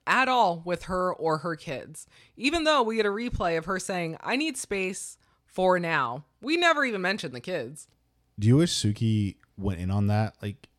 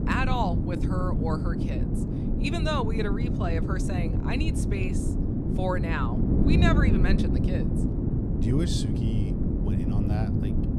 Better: first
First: none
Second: wind noise on the microphone; heavy; 2 dB below the speech

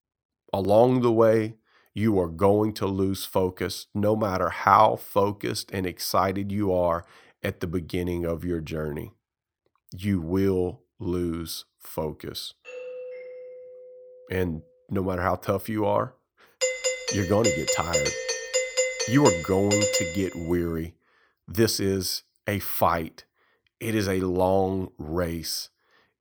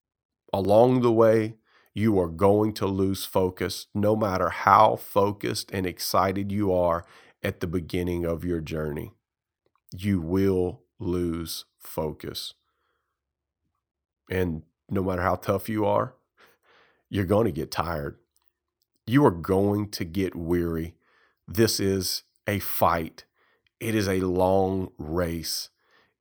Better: second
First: doorbell; faint; from 13 to 15 s; peak 10 dB below the speech // doorbell; loud; from 17 to 20 s; peak 2 dB above the speech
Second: none

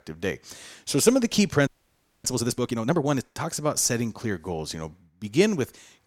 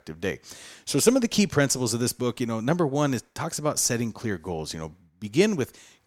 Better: second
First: audio freezing; at 1.5 s for 0.5 s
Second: none

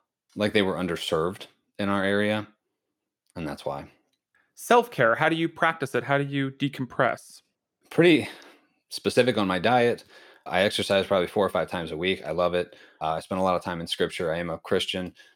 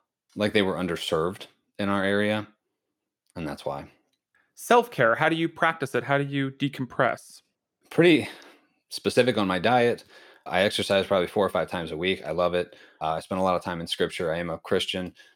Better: neither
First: none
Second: none

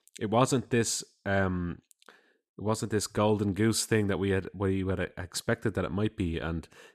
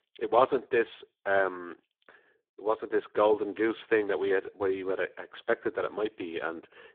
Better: first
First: none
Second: phone-call audio; poor line

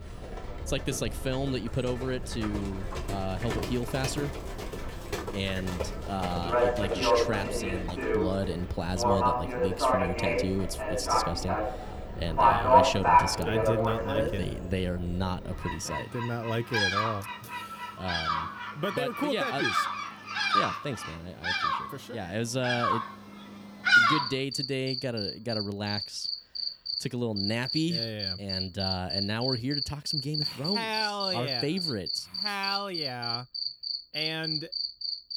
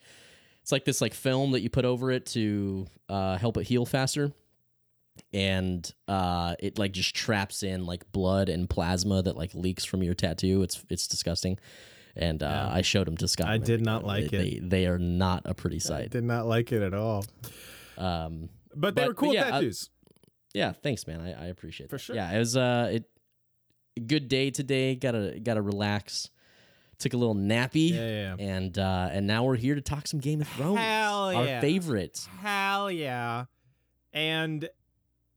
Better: second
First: animal sounds; very loud; throughout; 3 dB above the speech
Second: none

